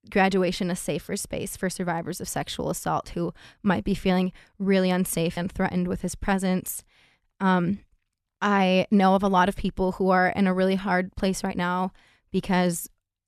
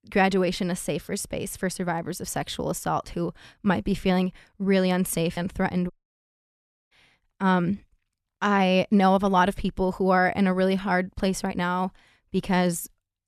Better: first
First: none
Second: audio cutting out; at 6 s for 1 s

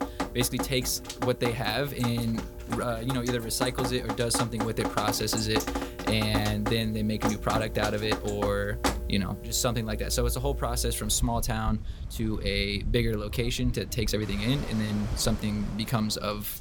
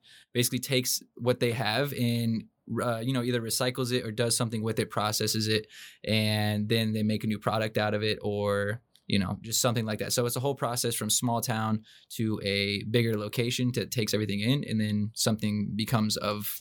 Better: second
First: rain or running water; loud; throughout; 6 dB below the speech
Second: none

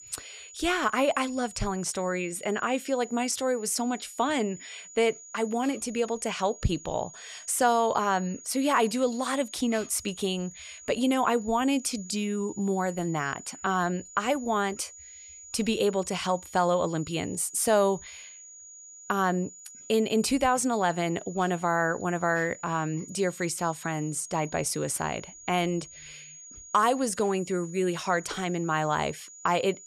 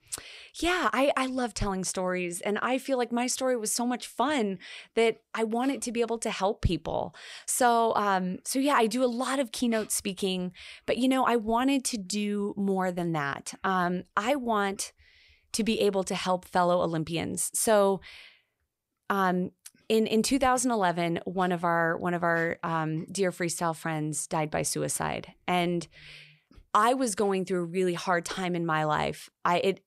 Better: second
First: high-pitched whine; noticeable; throughout; 7 kHz, 15 dB below the speech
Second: none

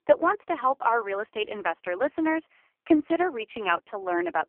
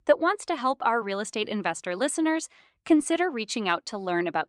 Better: second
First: phone-call audio; poor line; nothing above 3 kHz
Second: none

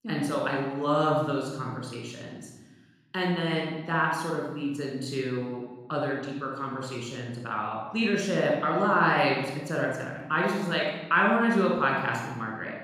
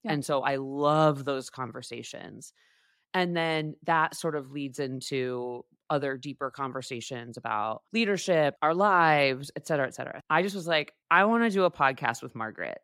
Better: second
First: off-mic speech; somewhat distant // room echo; noticeable; dies away in 1.1 s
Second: none

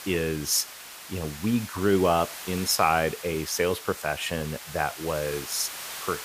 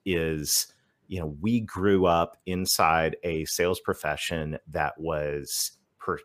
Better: second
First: hiss; noticeable; throughout; 10 dB below the speech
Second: none

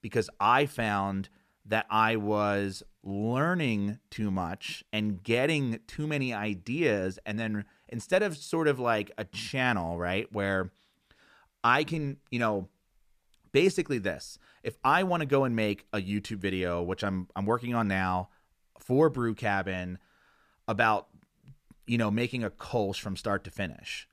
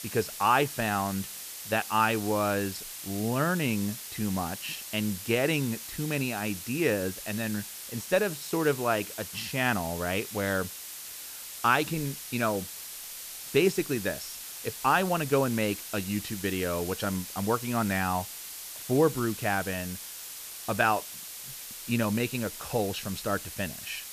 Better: first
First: none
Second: hiss; loud; throughout; 9 dB below the speech

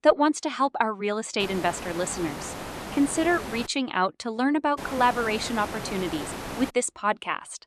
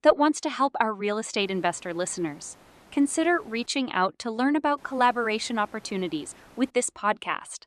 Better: second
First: hiss; loud; from 1.5 to 3.5 s and from 5 to 6.5 s; 9 dB below the speech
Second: hiss; faint; from 1.5 to 3.5 s and from 5 to 6.5 s; 25 dB below the speech

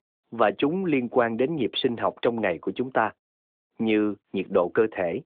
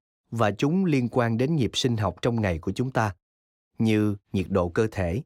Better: second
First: phone-call audio; nothing above 3.5 kHz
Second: none

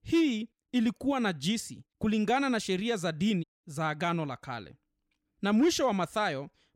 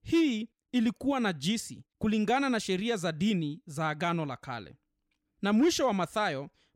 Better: second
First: audio cutting out; at 3.5 s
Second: none

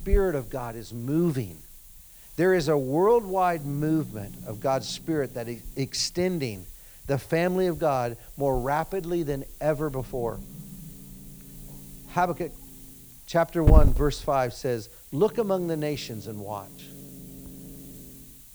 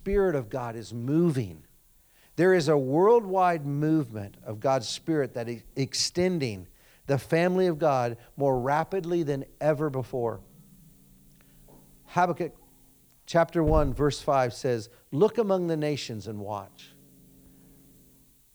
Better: second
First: hiss; loud; throughout; 8 dB below the speech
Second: hiss; faint; throughout; 20 dB below the speech

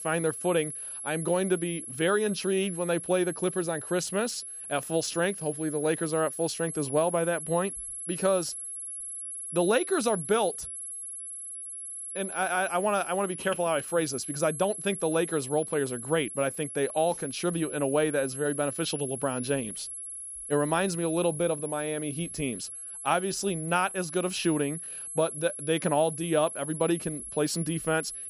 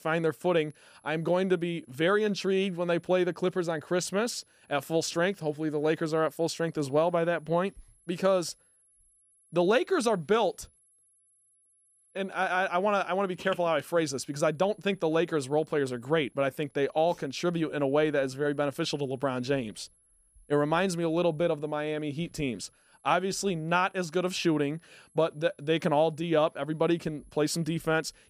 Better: second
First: high-pitched whine; loud; throughout; 11 kHz, 7 dB below the speech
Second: high-pitched whine; faint; throughout; 11 kHz, 35 dB below the speech

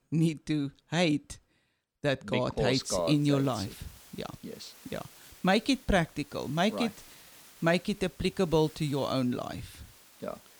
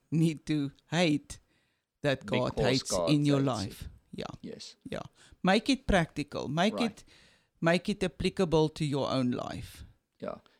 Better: second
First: hiss; faint; from 3 s on; 25 dB below the speech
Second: none

